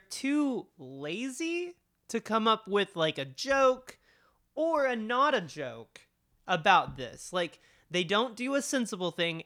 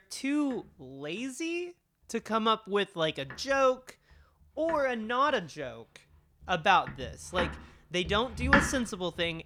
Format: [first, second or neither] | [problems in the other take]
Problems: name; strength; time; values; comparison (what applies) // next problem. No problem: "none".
first | household noises; loud; throughout; 2 dB below the speech